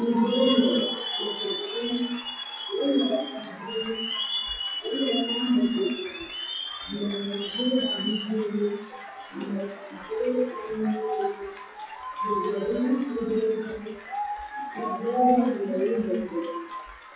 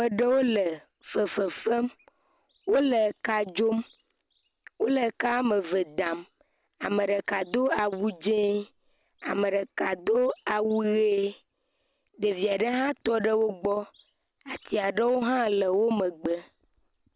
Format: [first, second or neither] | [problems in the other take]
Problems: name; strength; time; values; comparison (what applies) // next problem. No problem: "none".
second | noise reduction (classical method WPE with log-MMSE)